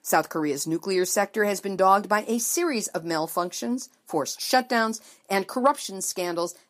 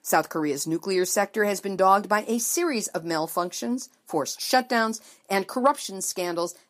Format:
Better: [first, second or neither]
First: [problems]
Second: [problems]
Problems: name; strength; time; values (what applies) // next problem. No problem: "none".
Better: neither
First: none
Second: none